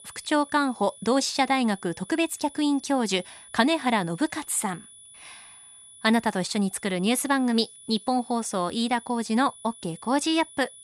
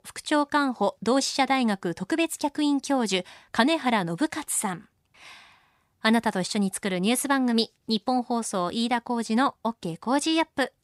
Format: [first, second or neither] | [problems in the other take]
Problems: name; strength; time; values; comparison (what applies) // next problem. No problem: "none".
second | high-pitched whine; noticeable; throughout; 10 kHz, 20 dB below the speech